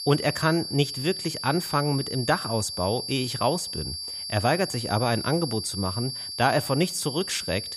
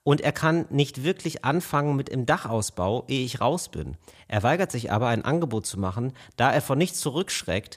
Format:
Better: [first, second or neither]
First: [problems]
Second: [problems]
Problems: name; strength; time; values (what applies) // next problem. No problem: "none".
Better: second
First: high-pitched whine; loud; throughout; 4.5 kHz, 5 dB below the speech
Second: none